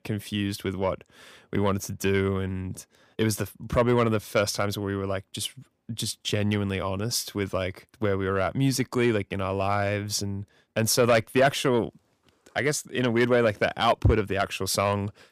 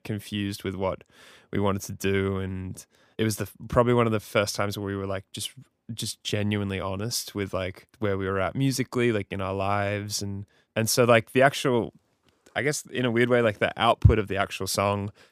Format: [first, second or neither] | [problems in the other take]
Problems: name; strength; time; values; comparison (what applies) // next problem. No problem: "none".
second | distortion; slight; 10 dB below the speech